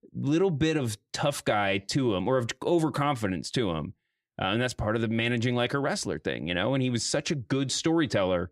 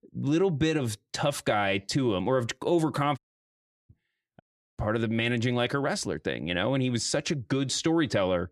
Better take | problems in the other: first | audio cutting out; at 3 s for 0.5 s and at 4.5 s

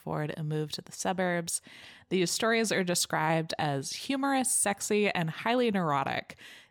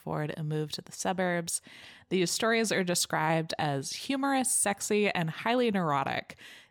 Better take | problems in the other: neither | none

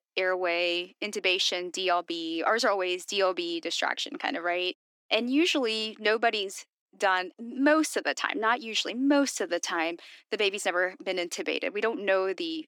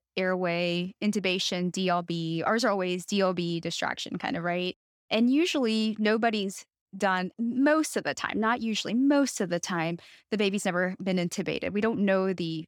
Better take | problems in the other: second | thin; very slightly; fading below 300 Hz

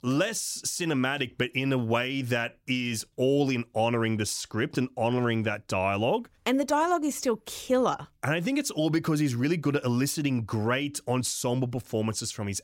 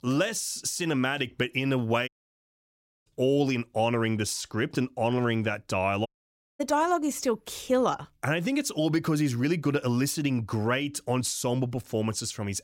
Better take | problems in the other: first | audio cutting out; at 2 s for 1 s and at 6 s for 0.5 s

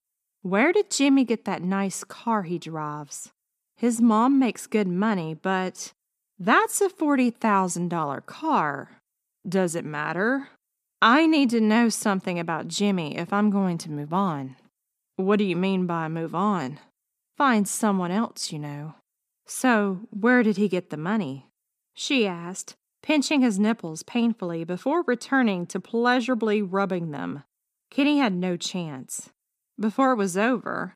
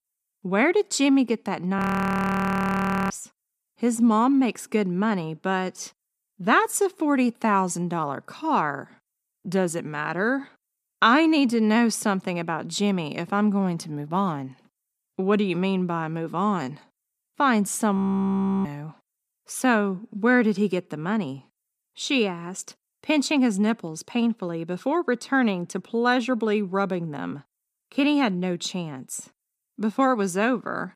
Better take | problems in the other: first | audio freezing; at 2 s for 1.5 s and at 18 s for 0.5 s

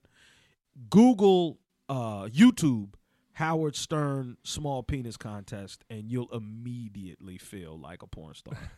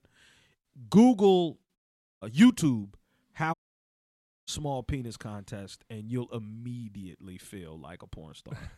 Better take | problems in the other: first | audio cutting out; at 2 s and at 3.5 s for 1 s

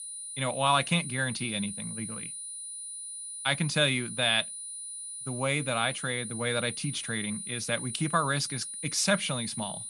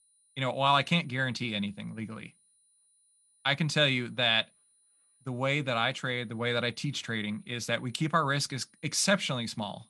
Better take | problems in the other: second | high-pitched whine; loud; throughout; 9.5 kHz, 7 dB below the speech; faint in the second

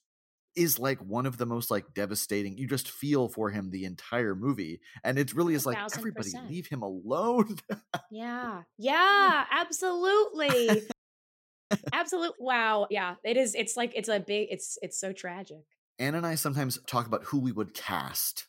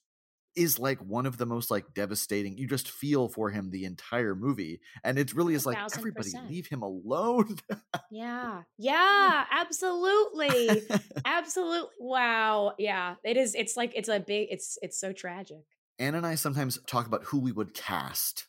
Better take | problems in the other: second | audio freezing; at 11 s for 1 s

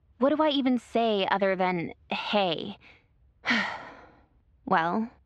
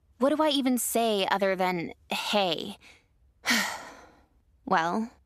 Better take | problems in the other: second | muffled; slightly; fading above 3.5 kHz

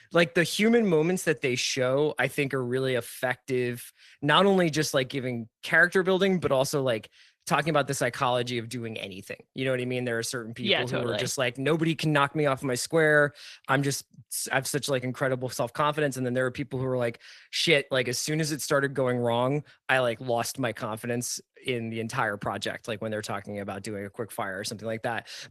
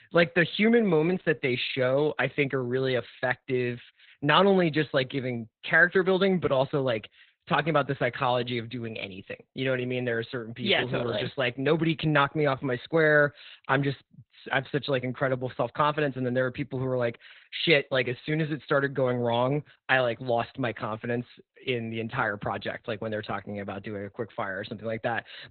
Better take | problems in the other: first | garbled, watery; badly; nothing above 4 kHz; slightly in the first

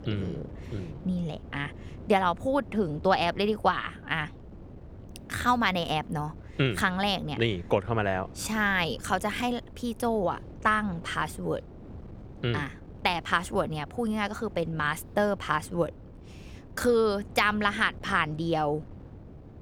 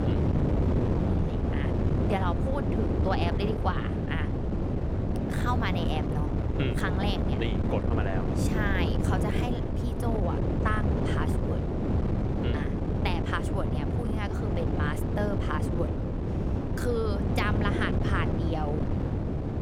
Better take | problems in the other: first | wind noise on the microphone; heavy; 1 dB below the speech; occasional gusts in the first

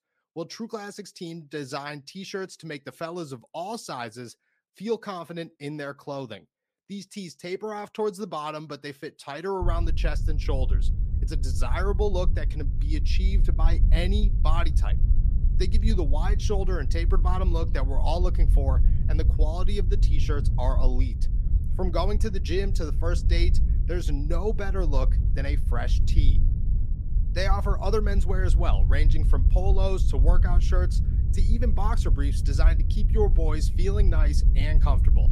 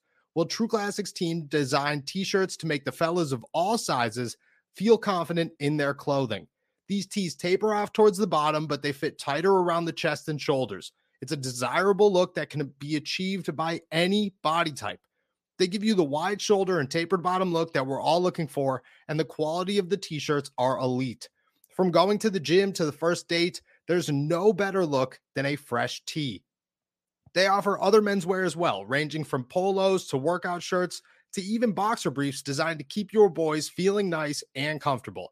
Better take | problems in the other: second | wind noise on the microphone; occasional gusts; from 9.5 s on; 10 dB below the speech

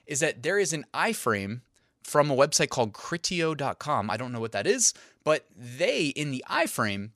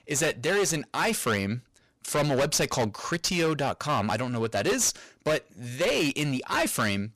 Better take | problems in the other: first | distortion; heavy; 16% of the sound clipped

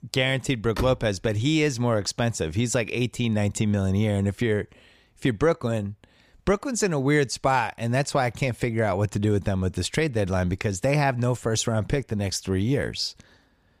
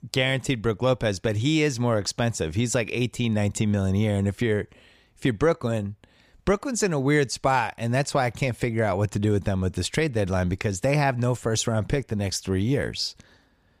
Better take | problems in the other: second | door banging; noticeable; at 1 s; peak 8 dB below the speech

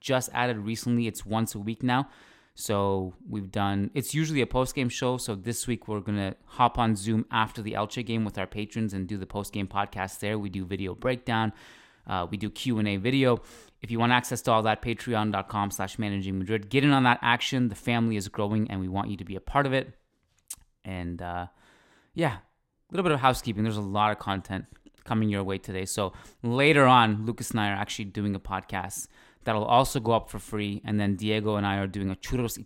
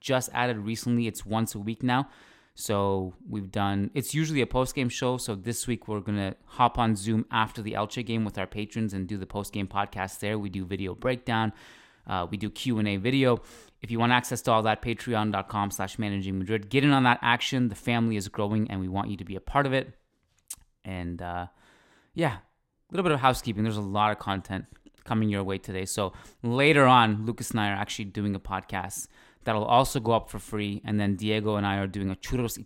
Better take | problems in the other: neither | none

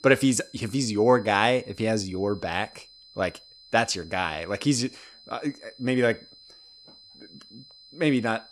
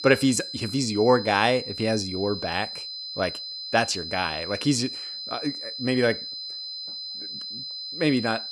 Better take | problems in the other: first | high-pitched whine; loud; throughout; 4 kHz, 7 dB below the speech; faint in the first

